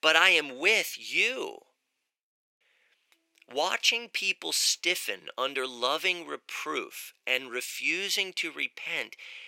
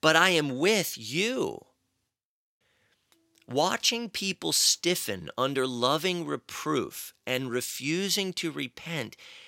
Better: second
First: thin; somewhat; fading below 500 Hz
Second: none

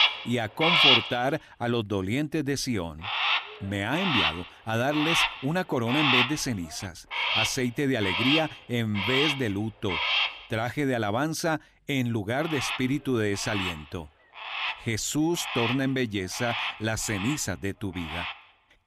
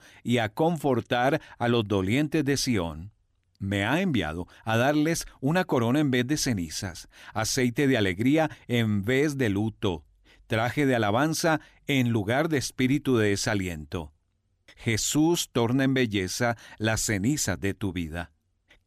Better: second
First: animal sounds; very loud; throughout; 3 dB above the speech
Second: none

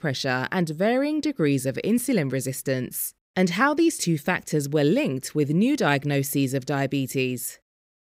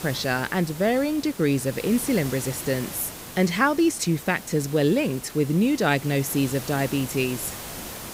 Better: first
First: none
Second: hiss; noticeable; throughout; 10 dB below the speech

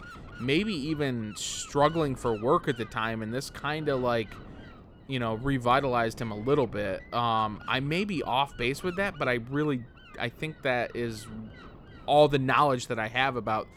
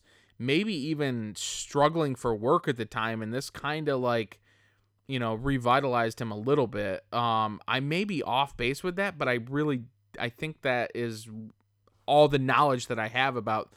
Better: second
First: wind noise on the microphone; occasional gusts; 20 dB below the speech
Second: none

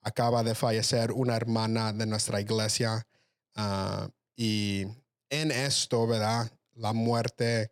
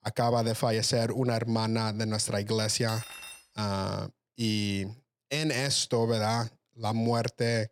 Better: first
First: none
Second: clattering dishes; faint; at 2.5 s; peak 10 dB below the speech

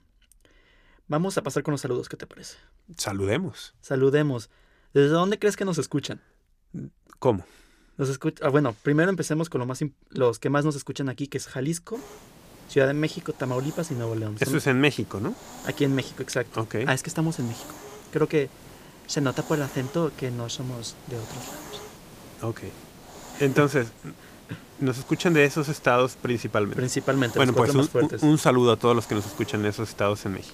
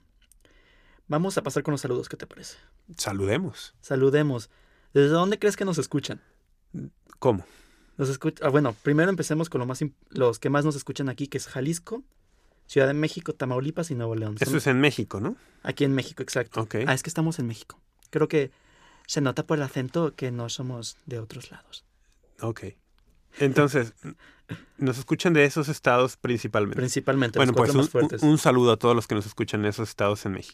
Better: second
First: hiss; noticeable; from 12 s on; 20 dB below the speech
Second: none

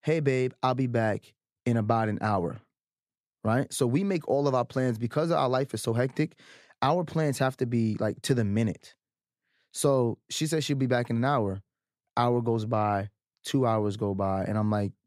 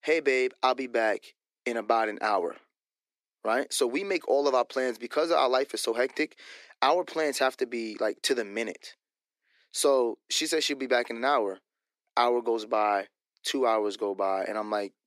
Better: first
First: none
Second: thin; somewhat; fading below 300 Hz

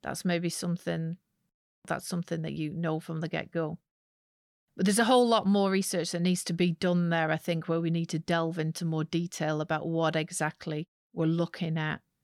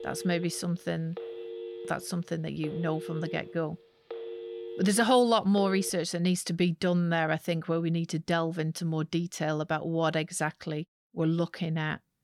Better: first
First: none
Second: phone ringing; faint; until 6 s; peak 10 dB below the speech

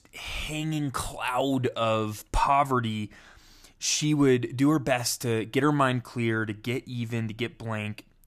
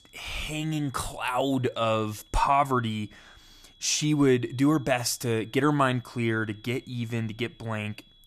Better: first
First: none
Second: high-pitched whine; faint; throughout; 3.5 kHz, 30 dB below the speech

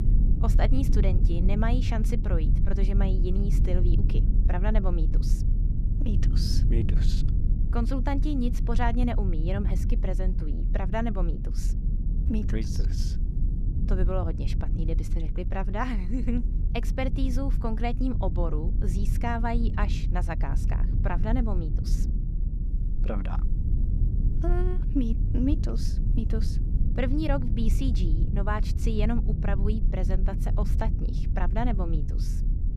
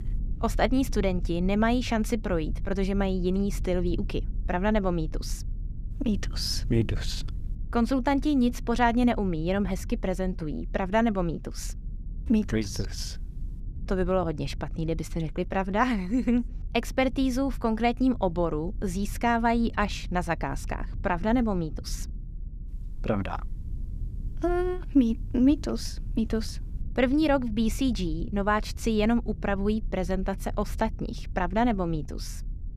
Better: second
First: low rumble; loud; throughout; 8 dB below the speech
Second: low rumble; faint; throughout; 25 dB below the speech

